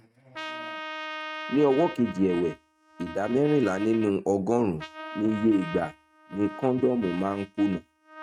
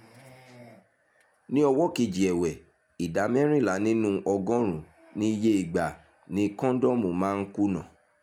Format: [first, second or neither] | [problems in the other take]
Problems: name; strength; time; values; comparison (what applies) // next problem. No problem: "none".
second | noise reduction (neural mask model RNNoise)